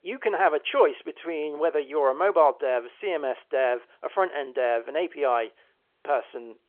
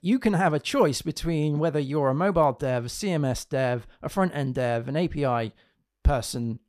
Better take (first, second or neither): second